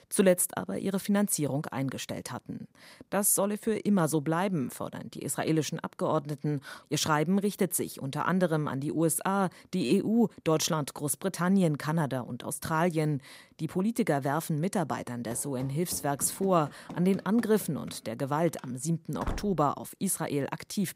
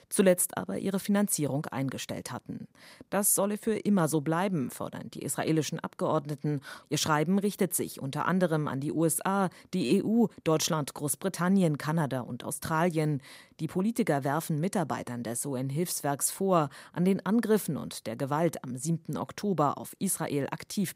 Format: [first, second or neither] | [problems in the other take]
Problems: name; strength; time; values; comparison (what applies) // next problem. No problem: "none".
second | door banging; noticeable; from 15 to 20 s; peak 10 dB below the speech